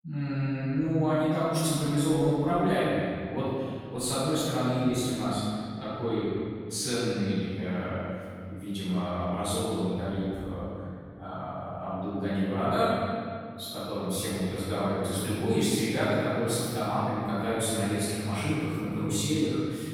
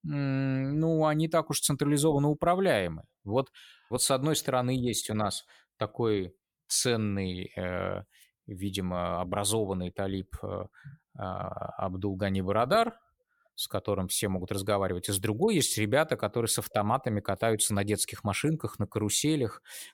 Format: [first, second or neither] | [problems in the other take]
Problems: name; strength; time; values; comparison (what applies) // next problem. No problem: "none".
second | room echo; strong; dies away in 2.2 s // off-mic speech; far